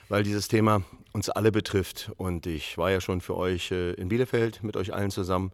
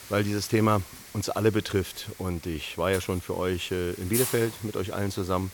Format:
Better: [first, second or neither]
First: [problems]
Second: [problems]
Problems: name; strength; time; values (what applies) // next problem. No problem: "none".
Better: first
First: none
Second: hiss; noticeable; throughout; 10 dB below the speech